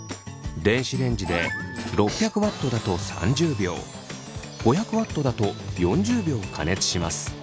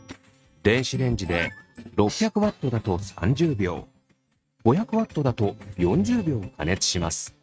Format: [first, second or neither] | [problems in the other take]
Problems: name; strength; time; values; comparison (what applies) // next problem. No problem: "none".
first | noise reduction (neural mask model RNNoise)